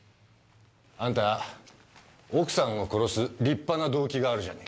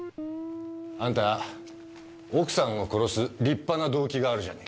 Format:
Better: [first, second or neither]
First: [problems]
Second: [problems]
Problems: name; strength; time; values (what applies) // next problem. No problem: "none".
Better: first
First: none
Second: background sound (Guitar); 13 dB below the speech